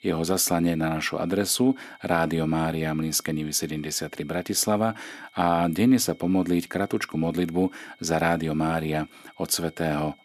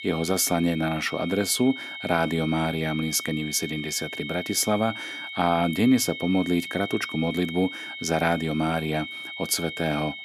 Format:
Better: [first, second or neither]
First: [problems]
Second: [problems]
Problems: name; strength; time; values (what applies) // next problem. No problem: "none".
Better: first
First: high-pitched whine; faint; throughout; 2 kHz, 30 dB below the speech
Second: high-pitched whine; loud; throughout; 2 kHz, 9 dB below the speech